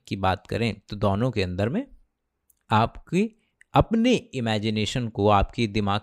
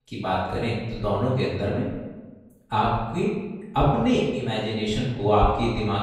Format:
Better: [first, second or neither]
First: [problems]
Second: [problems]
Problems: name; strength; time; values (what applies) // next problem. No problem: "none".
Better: first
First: none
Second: off-mic speech; far // room echo; noticeable; dies away in 1.1 s